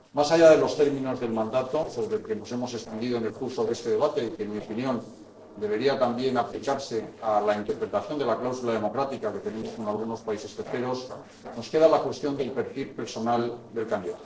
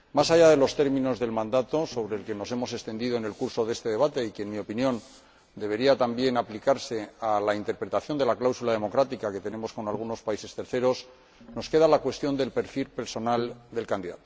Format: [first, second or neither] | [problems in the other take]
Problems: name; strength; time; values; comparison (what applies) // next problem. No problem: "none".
second | noise reduction (neural separator model SepFormer DNS4)